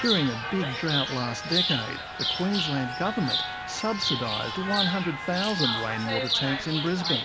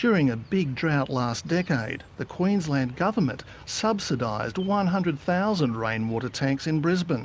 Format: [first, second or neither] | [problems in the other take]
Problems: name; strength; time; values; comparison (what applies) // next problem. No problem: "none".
second | background sound (Chirp, tweet); 1 dB below the speech